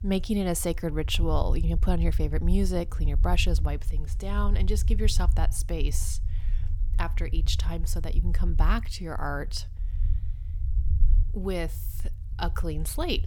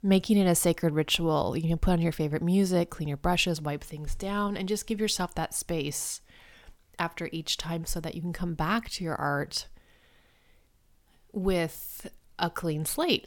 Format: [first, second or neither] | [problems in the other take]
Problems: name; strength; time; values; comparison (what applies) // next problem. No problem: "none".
second | low rumble; noticeable; throughout; 15 dB below the speech